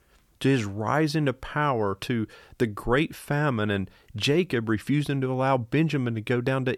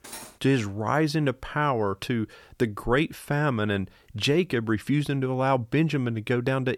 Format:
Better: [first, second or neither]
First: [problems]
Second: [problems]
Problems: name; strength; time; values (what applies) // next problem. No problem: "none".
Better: first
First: none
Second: clattering dishes; faint; at the start; peak 15 dB below the speech